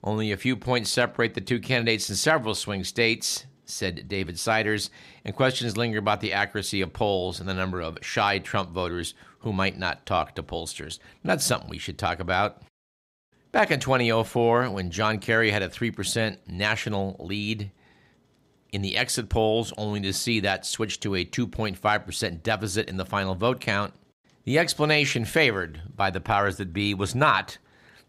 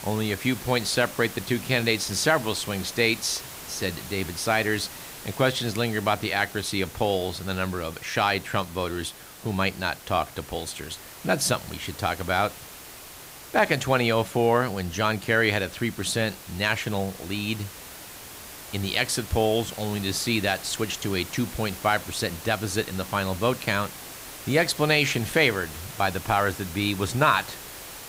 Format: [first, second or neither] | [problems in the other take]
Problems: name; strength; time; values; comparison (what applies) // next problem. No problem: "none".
first | hiss; noticeable; throughout; 15 dB below the speech